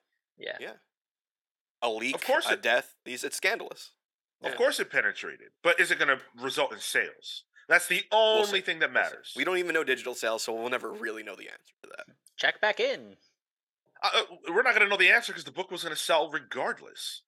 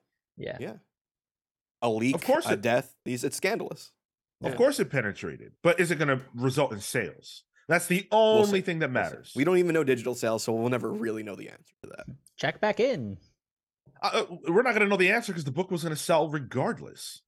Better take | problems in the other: second | thin; very; fading below 450 Hz

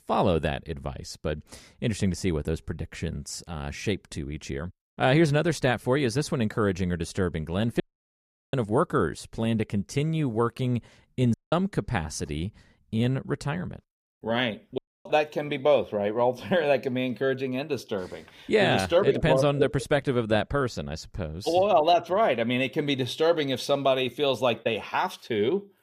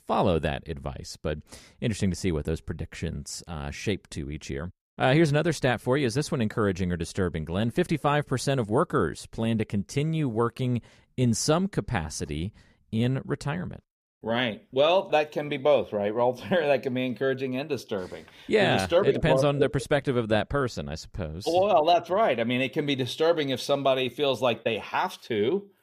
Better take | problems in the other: second | audio cutting out; at 8 s for 0.5 s, at 11 s and at 15 s

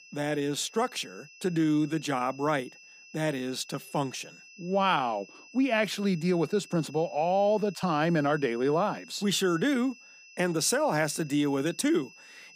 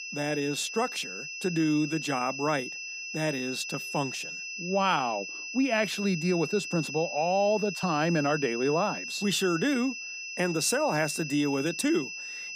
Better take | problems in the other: first | high-pitched whine; loud; throughout; 2.5 kHz, 7 dB below the speech; faint in the first

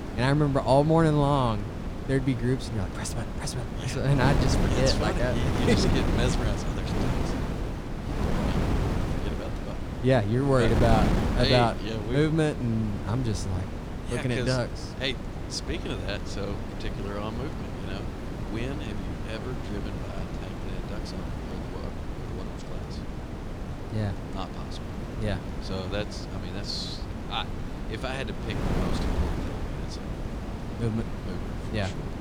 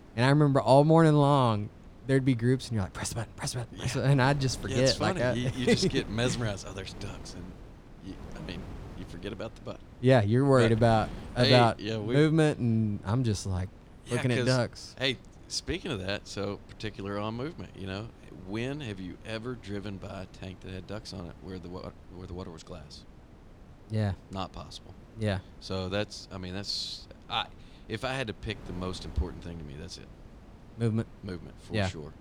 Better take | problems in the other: second | wind noise on the microphone; heavy; 7 dB below the speech; occasional gusts in the second

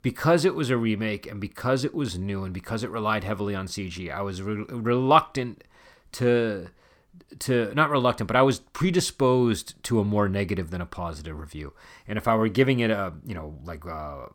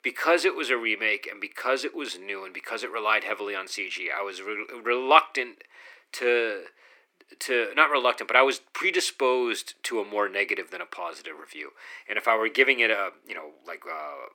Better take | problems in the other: first | thin; very; fading below 350 Hz

